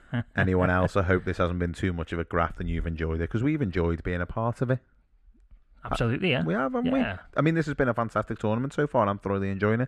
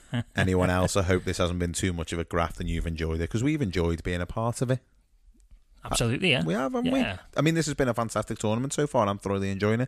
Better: second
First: muffled; very; fading above 4 kHz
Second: none

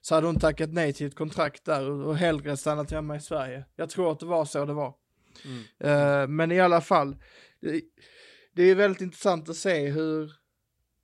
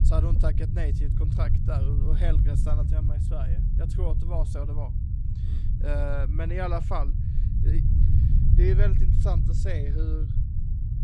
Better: first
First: none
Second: low rumble; loud; throughout; 4 dB below the speech

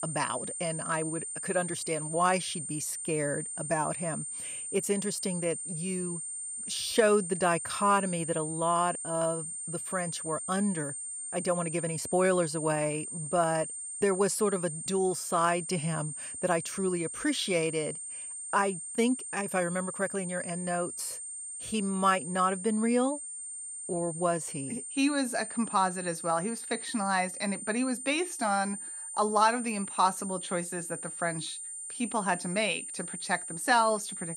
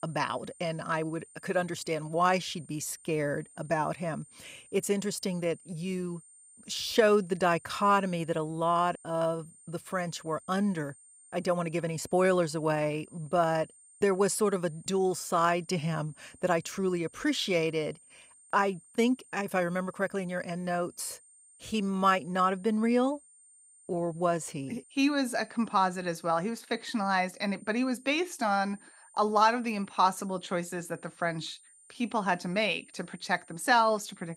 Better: second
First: high-pitched whine; loud; throughout; 8.5 kHz, 6 dB below the speech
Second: high-pitched whine; faint; throughout; 8.5 kHz, 25 dB below the speech

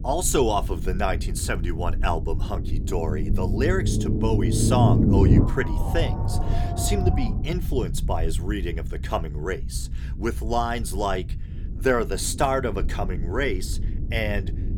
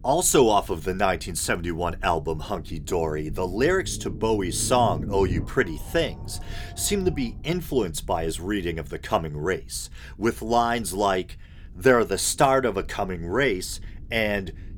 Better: second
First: low rumble; loud; throughout; 7 dB below the speech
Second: low rumble; faint; throughout; 20 dB below the speech

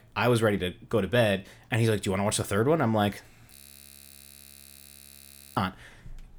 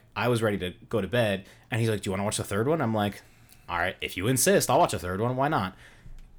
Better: second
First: audio freezing; at 3.5 s for 2 s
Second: none

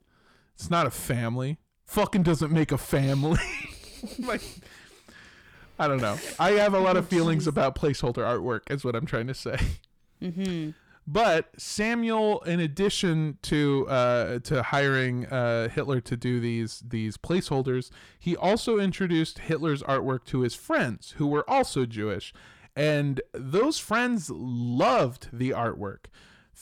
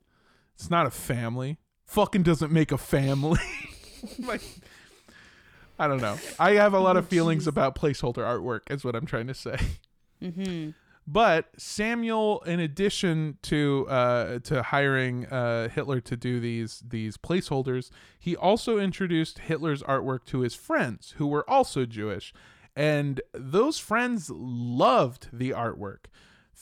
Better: second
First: distortion; slight; 10 dB below the speech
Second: none

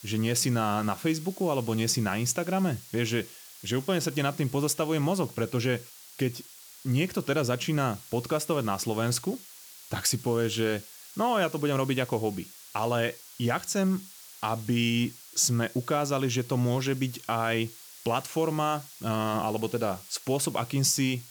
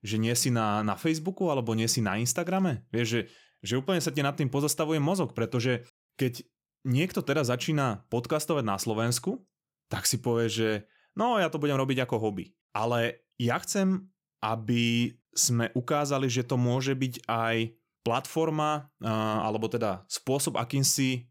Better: second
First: hiss; noticeable; throughout; 15 dB below the speech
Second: none

